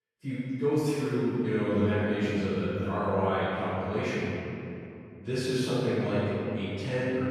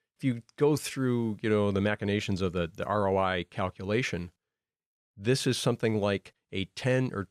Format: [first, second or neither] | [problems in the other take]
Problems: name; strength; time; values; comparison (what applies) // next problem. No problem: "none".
second | off-mic speech; far // room echo; strong; dies away in 2.7 s